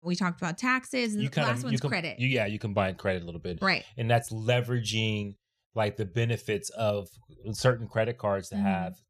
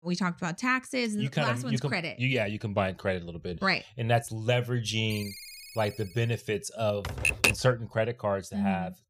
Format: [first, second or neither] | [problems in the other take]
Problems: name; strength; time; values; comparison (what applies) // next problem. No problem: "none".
first | phone ringing; faint; from 5 to 6.5 s; peak 10 dB below the speech // keyboard typing; loud; at 7 s; peak 6 dB above the speech